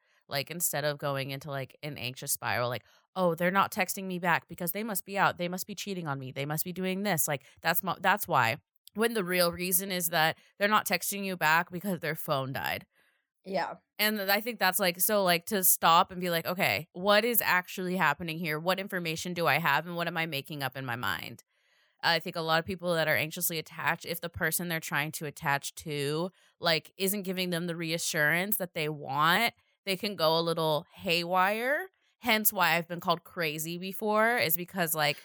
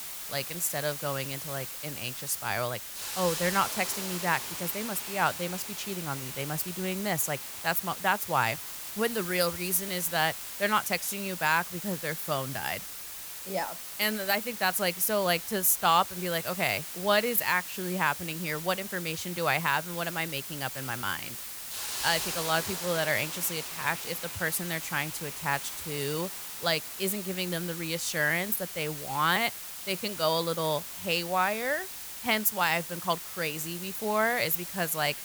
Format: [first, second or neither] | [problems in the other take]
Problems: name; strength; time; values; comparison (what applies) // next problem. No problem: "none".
first | hiss; loud; throughout; 6 dB below the speech